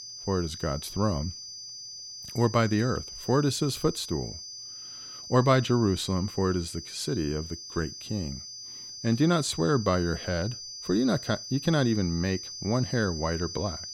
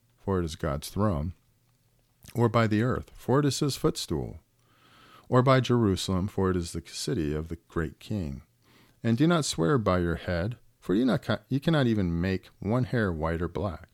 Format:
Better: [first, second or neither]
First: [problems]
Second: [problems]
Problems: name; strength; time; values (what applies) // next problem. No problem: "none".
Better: second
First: high-pitched whine; noticeable; throughout; 5 kHz, 10 dB below the speech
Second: none